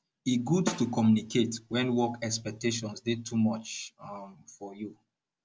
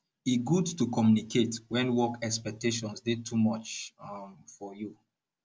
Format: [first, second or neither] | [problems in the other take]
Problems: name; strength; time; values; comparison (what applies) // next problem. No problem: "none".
second | background sound (Snare drum); 11 dB below the speech